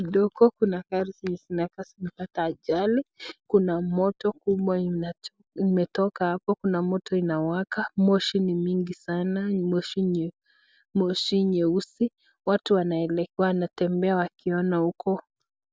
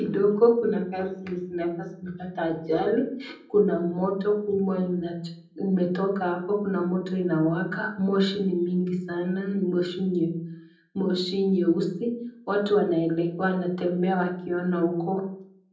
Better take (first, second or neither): first